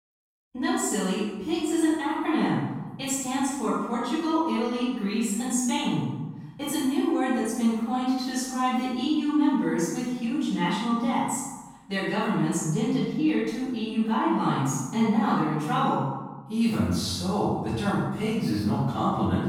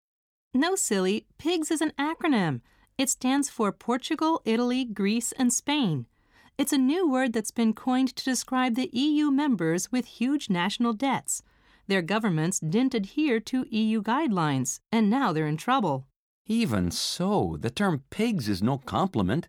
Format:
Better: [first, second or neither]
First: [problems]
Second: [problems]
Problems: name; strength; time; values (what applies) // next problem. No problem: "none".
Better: second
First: off-mic speech; far // room echo; strong; dies away in 1 s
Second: none